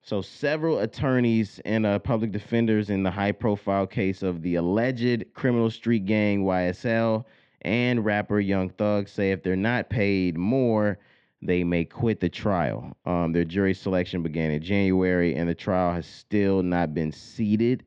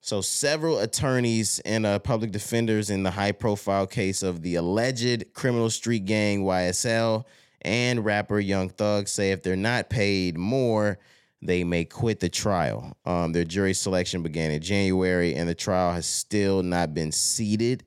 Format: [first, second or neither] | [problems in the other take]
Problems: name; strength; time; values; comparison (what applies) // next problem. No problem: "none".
second | muffled; very; fading above 3.5 kHz